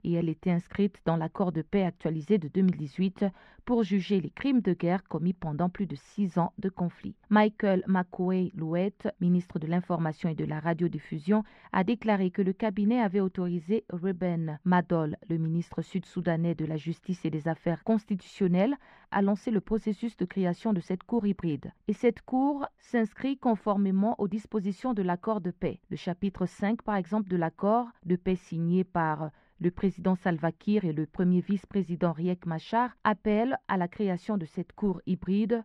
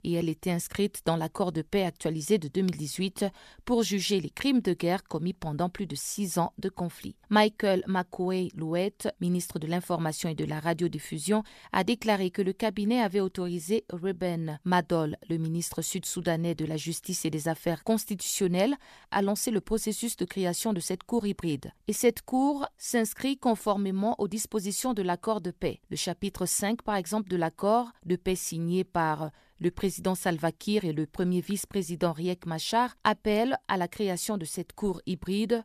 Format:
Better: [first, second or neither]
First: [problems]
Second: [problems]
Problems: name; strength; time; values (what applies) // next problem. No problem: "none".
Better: second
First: muffled; very; fading above 2 kHz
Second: none